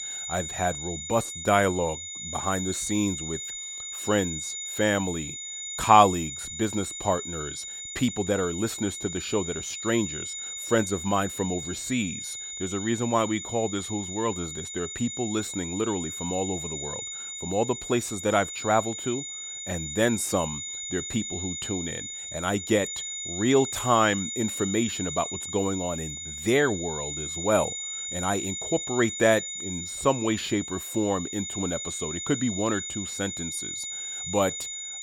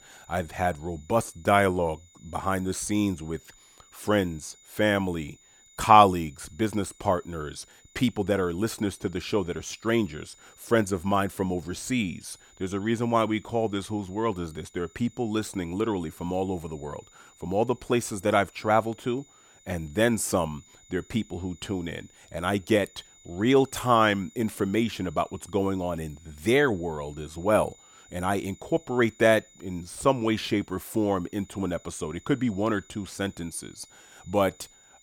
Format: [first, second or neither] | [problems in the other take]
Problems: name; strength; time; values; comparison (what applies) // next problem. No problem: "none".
second | high-pitched whine; loud; throughout; 7 kHz, 5 dB below the speech; faint in the second